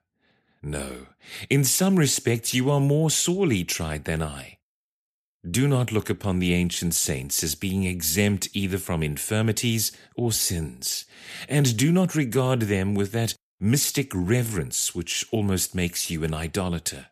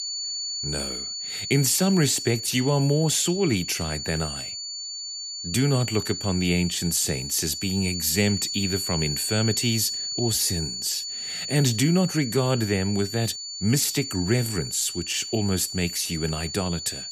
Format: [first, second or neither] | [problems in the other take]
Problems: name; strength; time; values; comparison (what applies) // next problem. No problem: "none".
first | high-pitched whine; loud; throughout; 4.5 kHz, 6 dB below the speech